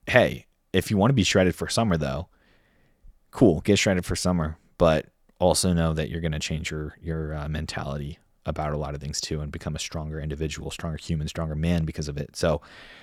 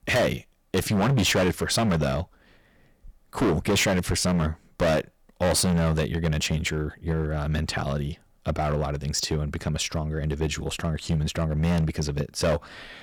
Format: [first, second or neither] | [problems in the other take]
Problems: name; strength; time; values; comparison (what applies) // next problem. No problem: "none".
first | distortion; heavy; 11% of the sound clipped